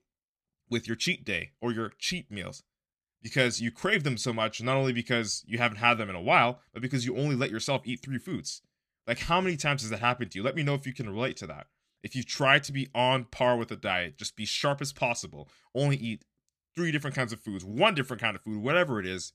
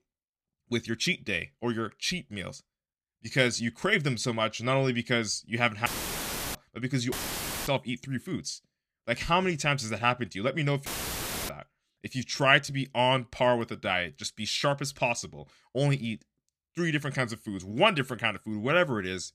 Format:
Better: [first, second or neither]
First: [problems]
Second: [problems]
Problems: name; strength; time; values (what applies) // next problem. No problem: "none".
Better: first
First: none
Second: audio cutting out; filled with static; at 6 s for 0.5 s, at 7 s for 0.5 s and at 11 s for 0.5 s